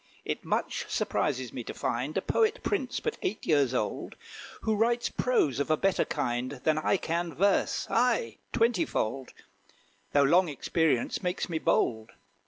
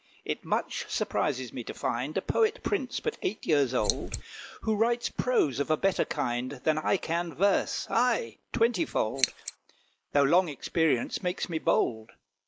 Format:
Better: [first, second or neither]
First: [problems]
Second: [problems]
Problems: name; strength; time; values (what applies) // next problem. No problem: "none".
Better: first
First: none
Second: noise reduction (neural mask model Resemble Enhance denoiser)